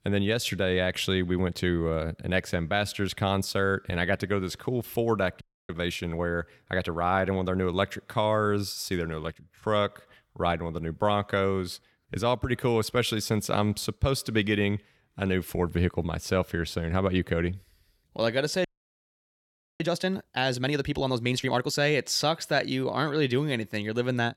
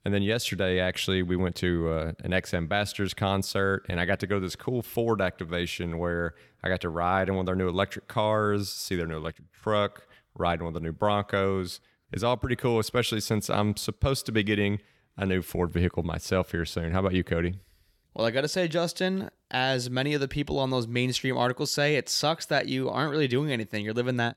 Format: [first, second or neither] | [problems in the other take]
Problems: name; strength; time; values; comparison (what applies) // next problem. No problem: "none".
second | audio freezing; at 5.5 s and at 19 s for 1 s